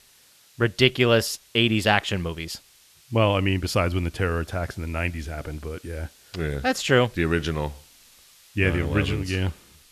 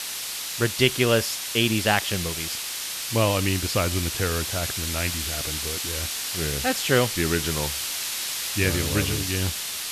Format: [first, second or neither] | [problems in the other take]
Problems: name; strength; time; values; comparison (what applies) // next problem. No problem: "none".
first | hiss; loud; throughout; 2 dB below the speech; faint in the first